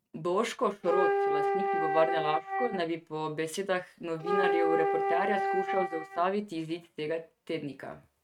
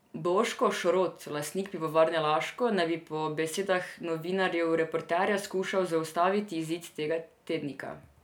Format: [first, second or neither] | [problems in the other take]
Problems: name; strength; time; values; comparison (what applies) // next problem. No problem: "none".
second | noise reduction (neural mask model RNNoise)